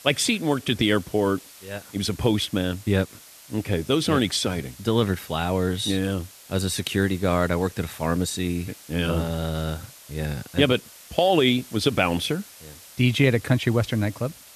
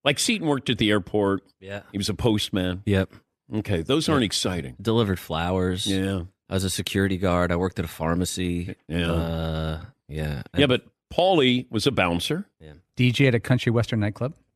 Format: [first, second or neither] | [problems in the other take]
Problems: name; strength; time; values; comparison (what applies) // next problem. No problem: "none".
second | hiss; noticeable; throughout; 20 dB below the speech